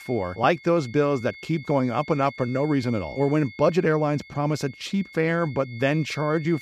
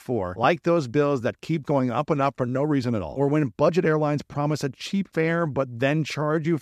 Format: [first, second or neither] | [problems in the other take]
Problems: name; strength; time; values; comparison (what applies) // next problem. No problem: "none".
second | high-pitched whine; noticeable; throughout; 2 kHz, 20 dB below the speech